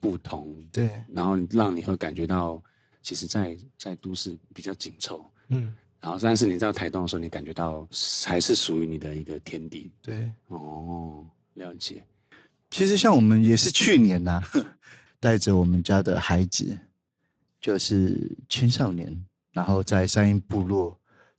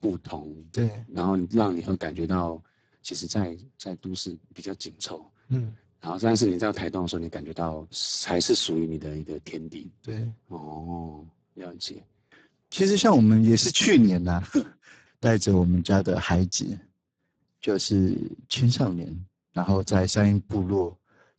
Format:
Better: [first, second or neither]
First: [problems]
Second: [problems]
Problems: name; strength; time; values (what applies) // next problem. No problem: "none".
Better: first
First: garbled, watery; slightly; nothing above 7.5 kHz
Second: garbled, watery; badly; nothing above 7.5 kHz